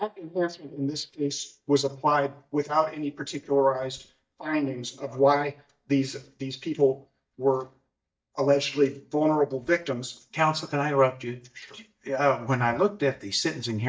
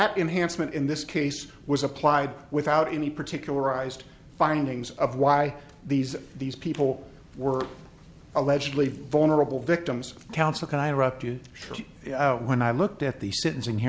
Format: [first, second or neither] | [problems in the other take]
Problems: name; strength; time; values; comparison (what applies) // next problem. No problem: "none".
second | noise reduction (neural mask model DeepFilterNet 3)